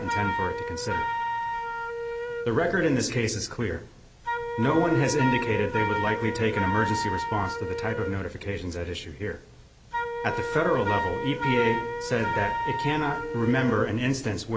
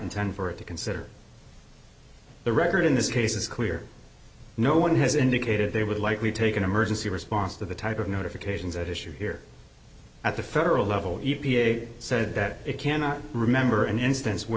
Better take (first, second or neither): second